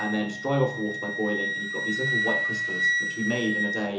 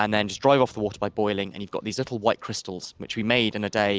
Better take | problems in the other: second | background sound (Wind instrument, woodwind instrument); as loud as the speech // room echo; dies away in 0.7 s

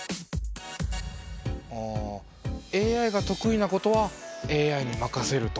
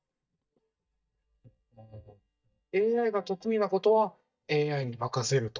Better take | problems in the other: first | noise reduction (neural mask model DeepFilterNet 3)

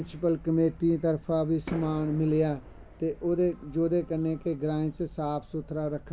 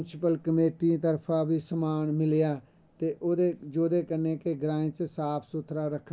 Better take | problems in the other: second | background sound (Insect + Fireworks); 18 dB below the speech

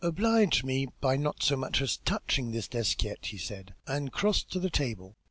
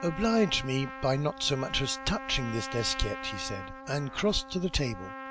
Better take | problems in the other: first | background sound (Trumpet); 11 dB below the speech

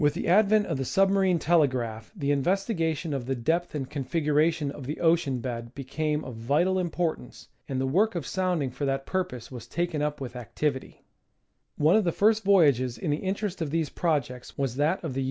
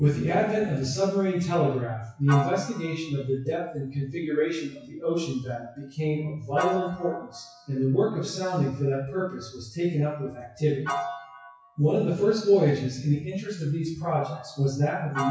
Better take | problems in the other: first | noise reduction (classical method WPE with log-MMSE)

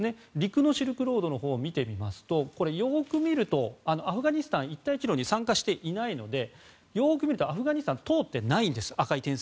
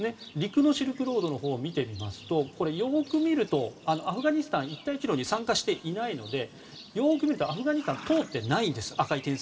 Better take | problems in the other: first | background sound (Livestock, farm animals, working animals); 20 dB below the speech // room echo; dies away in 1.9 s

